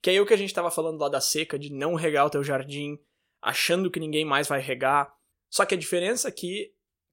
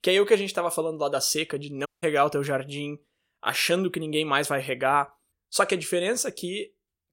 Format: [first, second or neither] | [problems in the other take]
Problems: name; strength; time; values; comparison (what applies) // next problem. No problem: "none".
first | audio cutting out; at 2 s